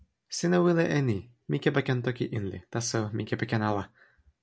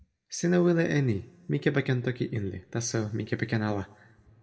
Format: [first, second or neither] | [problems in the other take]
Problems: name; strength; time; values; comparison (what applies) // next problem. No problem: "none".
first | room echo; dies away in 1.1 s